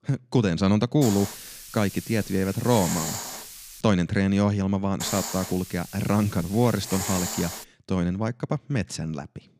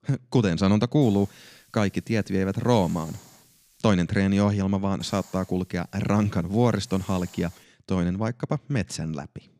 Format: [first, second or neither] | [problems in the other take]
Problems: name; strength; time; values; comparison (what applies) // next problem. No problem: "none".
second | hiss; loud; from 1 to 4 s and from 5 to 7.5 s; 8 dB below the speech; faint in the second